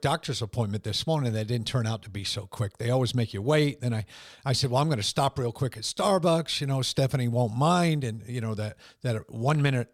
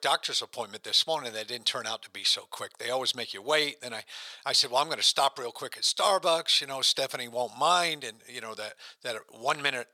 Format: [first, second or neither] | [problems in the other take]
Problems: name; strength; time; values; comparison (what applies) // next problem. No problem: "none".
first | thin; very; fading below 750 Hz